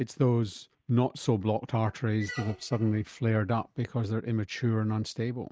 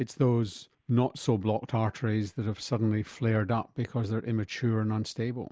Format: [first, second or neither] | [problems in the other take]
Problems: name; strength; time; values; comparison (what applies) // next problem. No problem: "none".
second | noise reduction (neural mask model RNNoise)